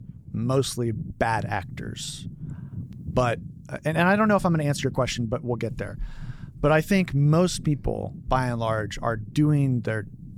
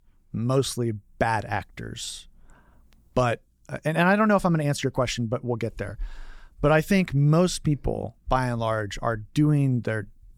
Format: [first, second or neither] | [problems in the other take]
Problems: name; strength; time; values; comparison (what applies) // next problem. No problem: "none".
second | low rumble; faint; throughout; 25 dB below the speech